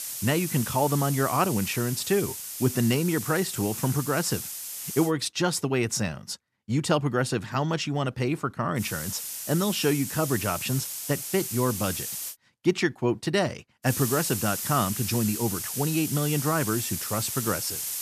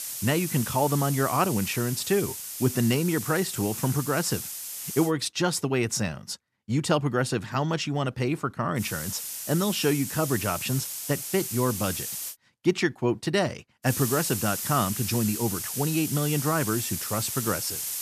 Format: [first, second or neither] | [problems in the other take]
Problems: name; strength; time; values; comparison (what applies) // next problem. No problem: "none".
neither | hiss; loud; until 5 s, from 9 to 12 s and from 14 s on; 5 dB below the speech; the same in both